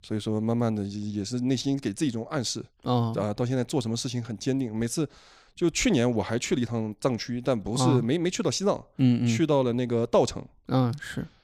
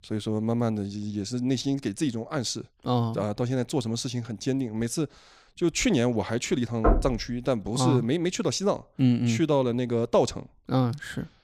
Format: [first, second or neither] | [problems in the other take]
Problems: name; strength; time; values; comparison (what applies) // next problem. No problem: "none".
first | door banging; loud; at 7 s; peak 2 dB above the speech